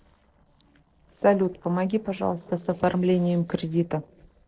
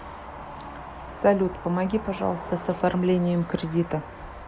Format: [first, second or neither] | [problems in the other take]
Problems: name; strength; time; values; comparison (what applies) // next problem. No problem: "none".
second | noise reduction (neural separator model SepFormer DNS4)